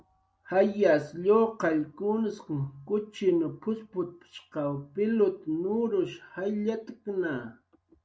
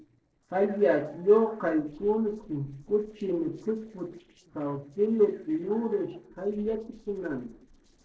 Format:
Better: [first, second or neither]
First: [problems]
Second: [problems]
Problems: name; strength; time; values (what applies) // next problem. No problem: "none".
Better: first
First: none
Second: noise reduction (neural separator model SepFormer DNS4)